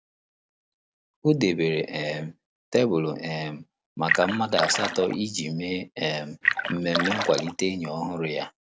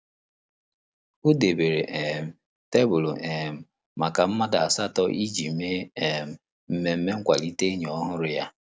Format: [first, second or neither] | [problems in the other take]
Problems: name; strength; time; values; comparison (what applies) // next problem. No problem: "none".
second | background sound (Splash, splatter); 1 dB below the speech